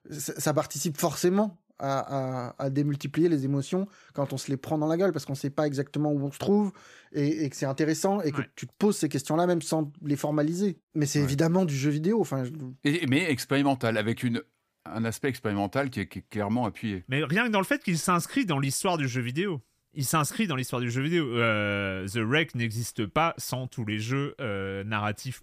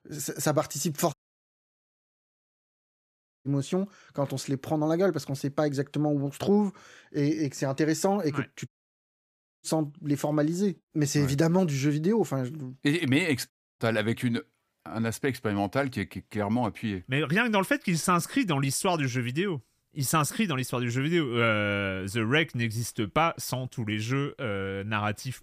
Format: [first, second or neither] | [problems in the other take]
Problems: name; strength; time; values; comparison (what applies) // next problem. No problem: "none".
first | audio cutting out; at 1 s for 2.5 s, at 8.5 s for 1 s and at 14 s